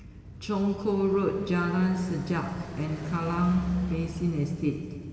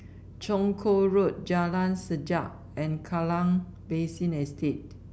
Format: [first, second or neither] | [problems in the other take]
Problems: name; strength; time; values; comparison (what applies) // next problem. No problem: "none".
second | background sound (Car passing by); 15 dB below the speech // room echo; dies away in 2.8 s